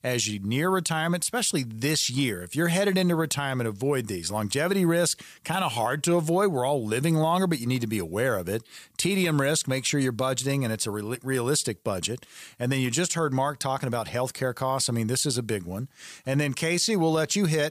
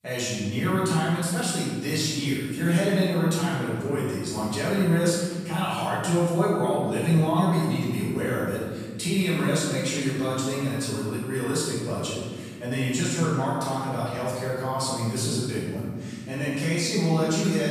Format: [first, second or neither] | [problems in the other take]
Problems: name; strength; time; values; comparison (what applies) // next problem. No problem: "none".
first | off-mic speech; far // room echo; strong; dies away in 1.6 s